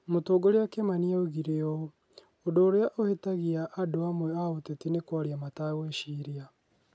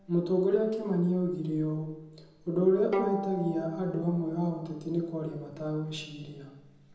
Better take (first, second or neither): first